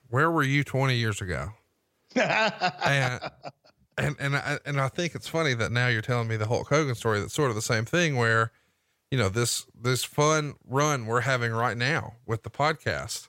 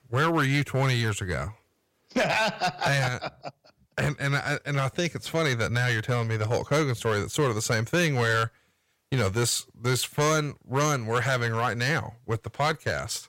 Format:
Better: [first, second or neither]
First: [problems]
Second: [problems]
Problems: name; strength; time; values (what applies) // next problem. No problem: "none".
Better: first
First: none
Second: distortion; slight; 5% of the sound clipped